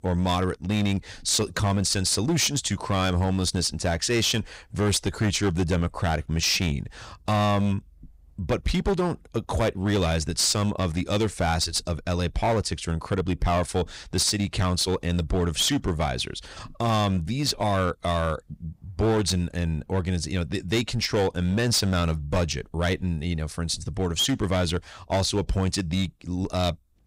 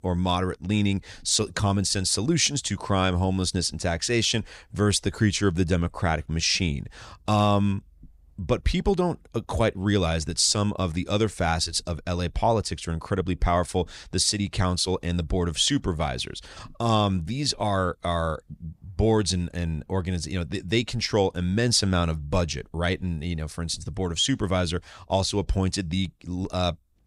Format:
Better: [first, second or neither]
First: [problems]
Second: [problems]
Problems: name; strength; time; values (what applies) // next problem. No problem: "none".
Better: second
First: distortion; slight; 10% of the sound clipped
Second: none